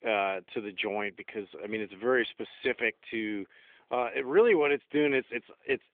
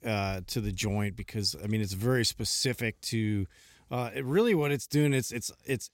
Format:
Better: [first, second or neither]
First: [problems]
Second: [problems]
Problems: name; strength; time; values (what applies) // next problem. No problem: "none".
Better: second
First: phone-call audio; nothing above 3.5 kHz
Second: none